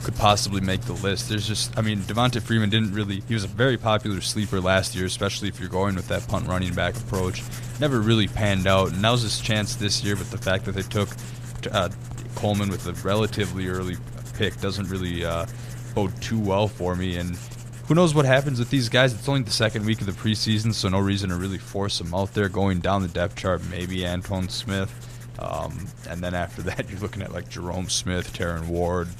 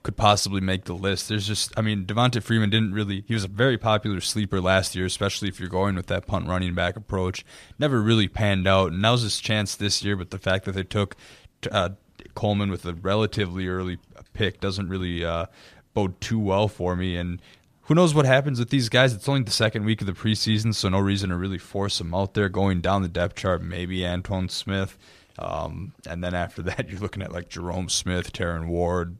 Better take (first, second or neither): second